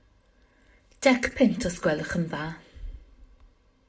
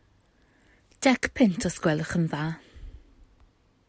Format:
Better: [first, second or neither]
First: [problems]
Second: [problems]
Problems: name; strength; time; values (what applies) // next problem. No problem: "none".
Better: second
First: room echo; dies away in 0.3 s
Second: none